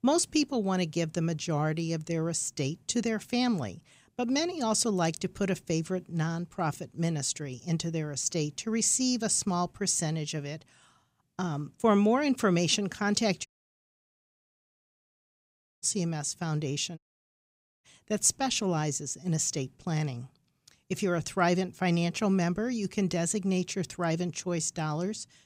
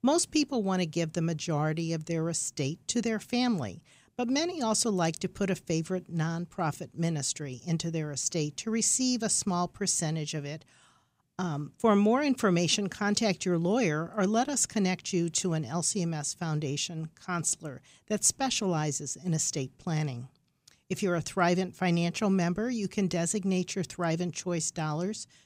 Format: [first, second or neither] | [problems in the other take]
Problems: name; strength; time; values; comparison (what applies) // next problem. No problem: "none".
second | audio cutting out; at 13 s for 2.5 s and at 17 s for 1 s